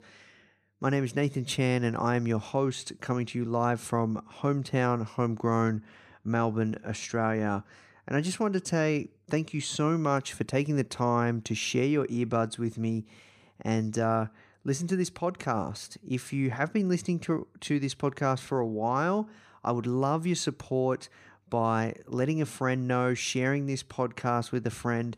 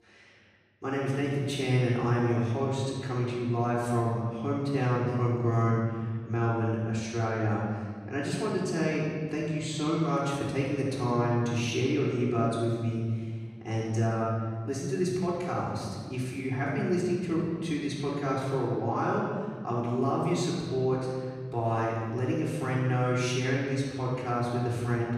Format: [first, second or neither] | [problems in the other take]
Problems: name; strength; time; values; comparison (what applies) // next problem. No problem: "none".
first | off-mic speech; far // room echo; strong; dies away in 1.8 s